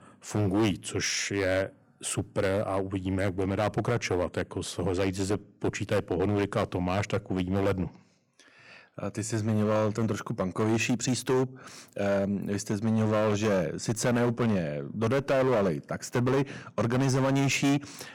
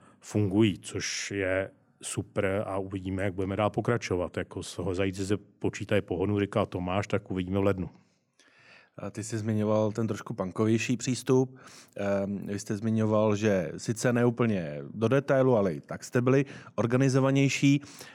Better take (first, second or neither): second